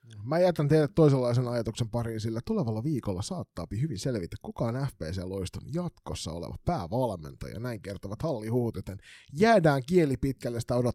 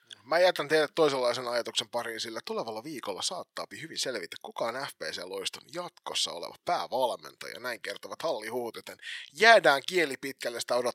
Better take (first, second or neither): first